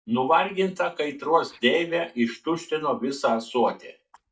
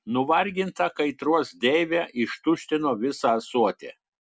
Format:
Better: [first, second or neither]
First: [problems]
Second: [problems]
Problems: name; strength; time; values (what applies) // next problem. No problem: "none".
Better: second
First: noise reduction (neural mask model DeepFilterNet 3)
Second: none